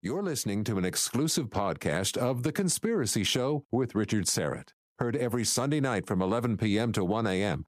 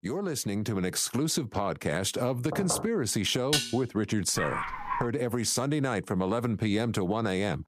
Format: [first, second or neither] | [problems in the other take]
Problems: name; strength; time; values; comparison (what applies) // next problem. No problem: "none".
first | door banging; noticeable; at 2.5 s; peak 6 dB below the speech // clattering dishes; loud; at 3.5 s; peak 1 dB above the speech // dog barking; noticeable; at 4.5 s; peak 3 dB below the speech